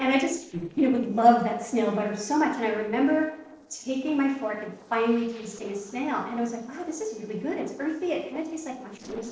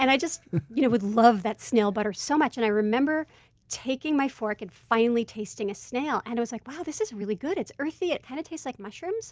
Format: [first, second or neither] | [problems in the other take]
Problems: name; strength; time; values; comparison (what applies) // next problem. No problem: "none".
second | noise reduction (neural separator model SepFormer DNS4)